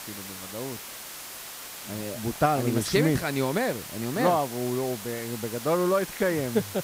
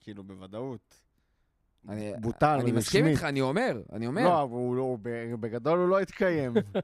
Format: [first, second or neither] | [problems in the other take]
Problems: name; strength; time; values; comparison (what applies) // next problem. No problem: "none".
second | hiss; noticeable; throughout; 10 dB below the speech